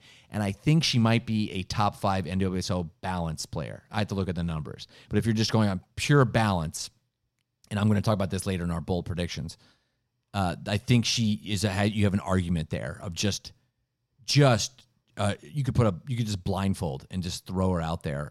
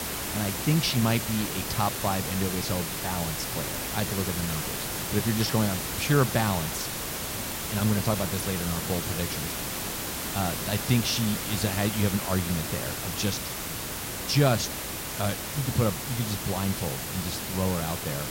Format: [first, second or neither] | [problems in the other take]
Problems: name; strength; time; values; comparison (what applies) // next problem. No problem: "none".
first | hiss; loud; throughout; 2 dB below the speech